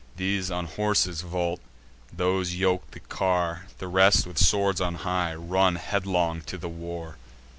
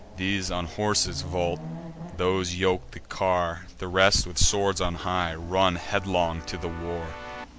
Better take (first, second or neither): first